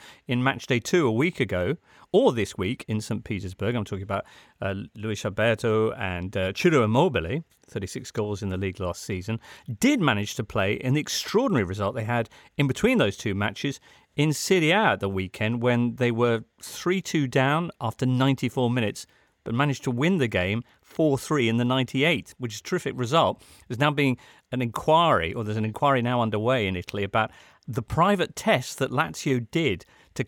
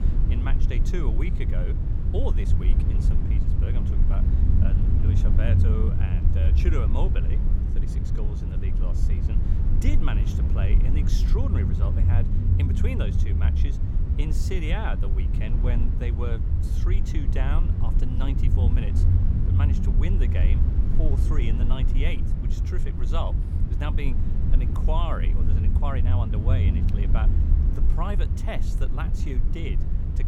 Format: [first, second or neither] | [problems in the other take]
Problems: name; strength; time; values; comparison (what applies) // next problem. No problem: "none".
first | low rumble; loud; throughout; 2 dB below the speech